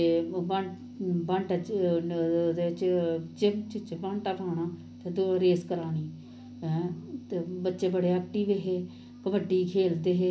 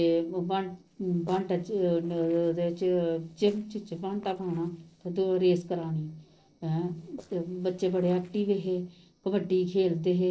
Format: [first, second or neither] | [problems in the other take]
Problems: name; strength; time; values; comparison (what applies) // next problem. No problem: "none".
first | noise reduction (neural separator model SepFormer DNS4)